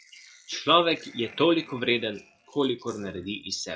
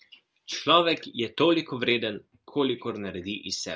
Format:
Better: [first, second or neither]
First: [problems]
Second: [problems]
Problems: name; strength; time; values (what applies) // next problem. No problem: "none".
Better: second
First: noise reduction (classical method log-MMSE)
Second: none